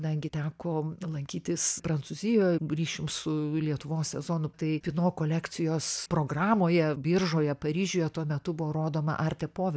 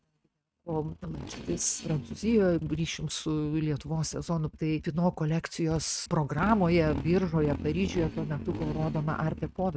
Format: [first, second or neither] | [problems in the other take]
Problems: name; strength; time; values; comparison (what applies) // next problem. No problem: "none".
first | noise reduction (neural mask model RNNoise)